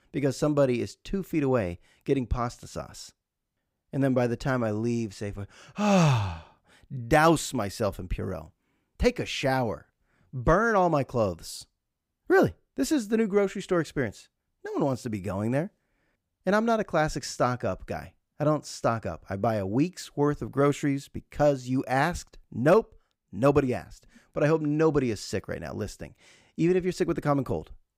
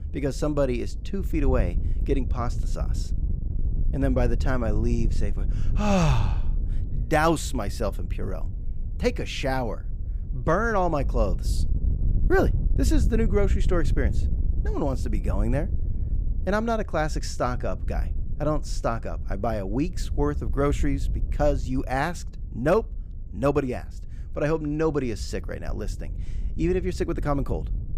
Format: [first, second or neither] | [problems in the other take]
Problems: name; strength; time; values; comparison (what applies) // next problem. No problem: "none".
first | wind noise on the microphone; occasional gusts; 20 dB below the speech